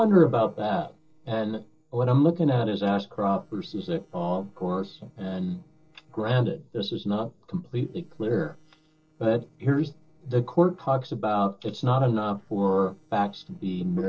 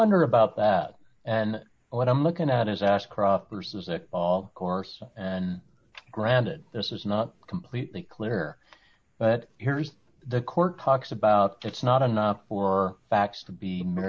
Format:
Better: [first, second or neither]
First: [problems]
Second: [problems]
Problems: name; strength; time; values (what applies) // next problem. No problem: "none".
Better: second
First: noise reduction (neural separator model SepFormer DNS4)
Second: none